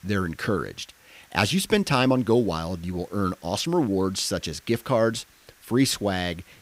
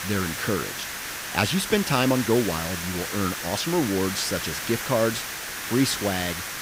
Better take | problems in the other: first | hiss; loud; throughout; 4 dB below the speech; faint in the first

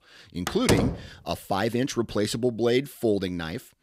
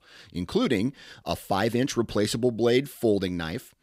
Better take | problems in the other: second | door banging; loud; at 0.5 s; peak 2 dB above the speech

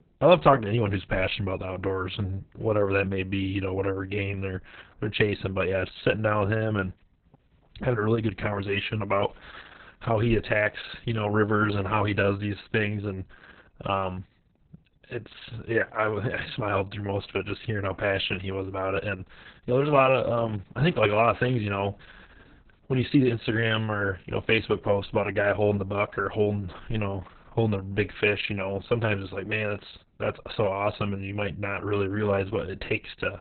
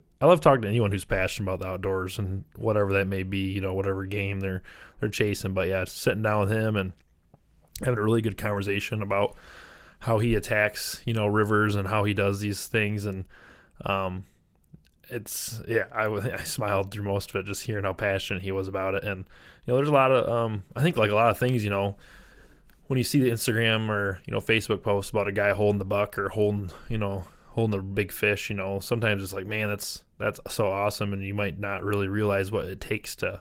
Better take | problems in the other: second | garbled, watery; badly; nothing above 4 kHz; slightly in the second

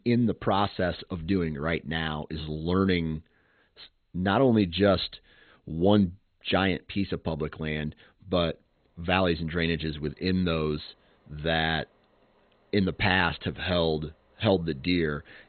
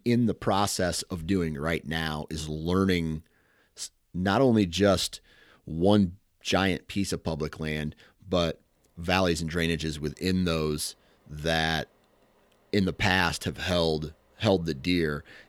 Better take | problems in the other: second | garbled, watery; badly; nothing above 4 kHz

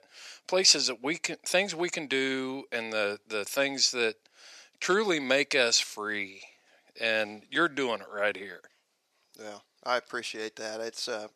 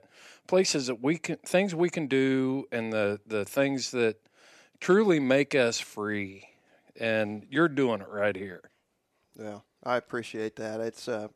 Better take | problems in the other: second | thin; very slightly; fading below 850 Hz

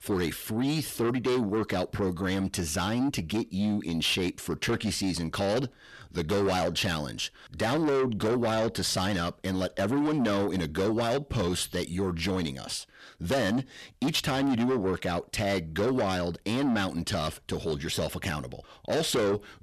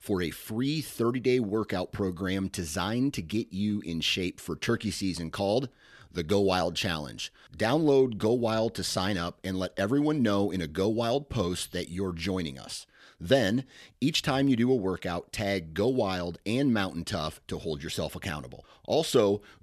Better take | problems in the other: second | distortion; heavy; 8 dB below the speech

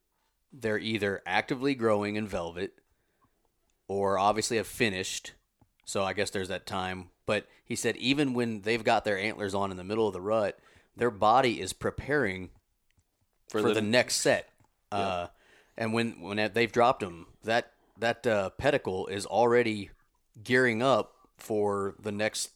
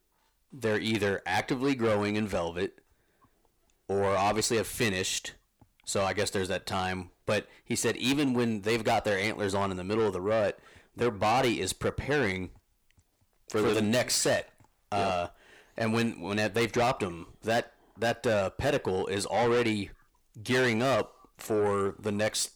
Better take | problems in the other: first | distortion; heavy; 7 dB below the speech

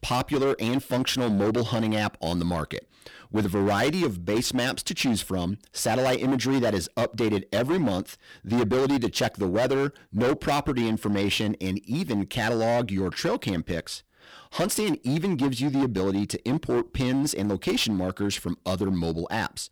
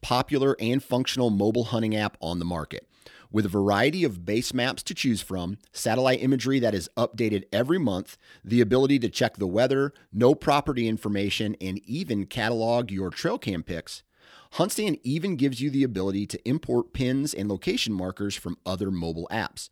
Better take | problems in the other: second | distortion; heavy; 16% of the sound clipped

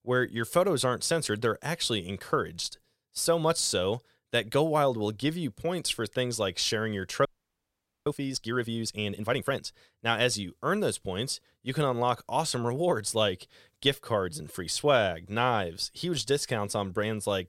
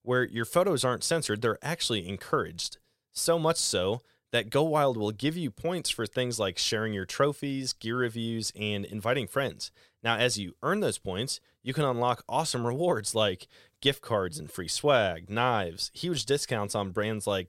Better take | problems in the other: second | audio freezing; at 7.5 s for 1 s

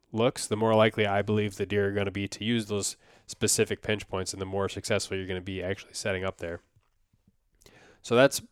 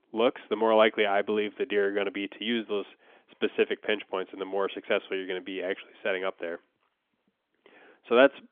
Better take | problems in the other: first | phone-call audio; nothing above 3.5 kHz

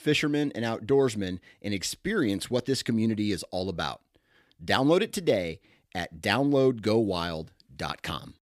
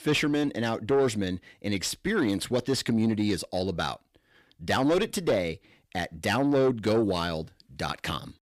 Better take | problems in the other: first | distortion; slight; 10 dB below the speech

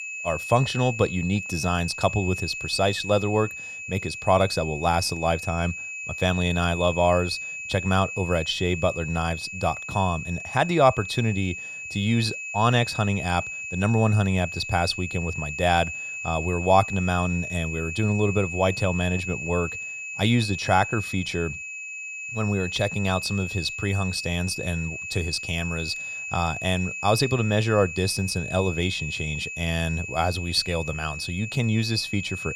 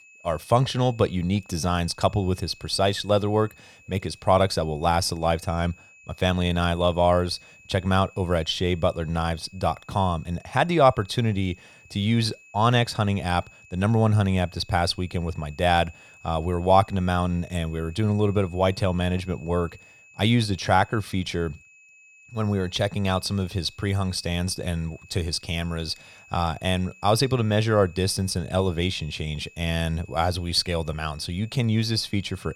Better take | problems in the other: second | high-pitched whine; loud; throughout; 2.5 kHz, 7 dB below the speech; faint in the second

